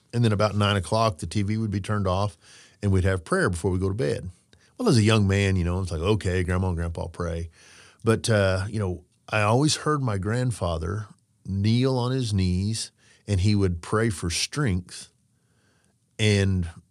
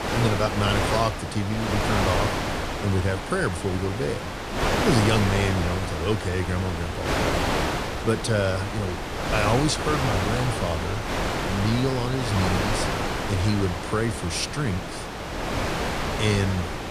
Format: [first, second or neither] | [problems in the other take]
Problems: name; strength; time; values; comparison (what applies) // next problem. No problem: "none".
first | wind noise on the microphone; heavy; 2 dB above the speech